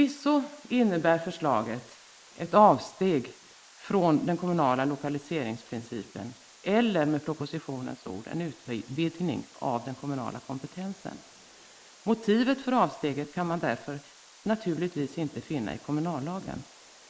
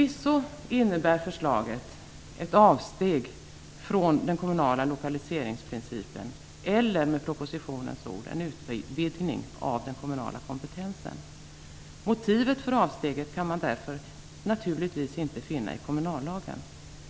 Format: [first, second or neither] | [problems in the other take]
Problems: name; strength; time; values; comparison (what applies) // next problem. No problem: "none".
second | noise reduction (neural mask model Resemble Enhance denoiser)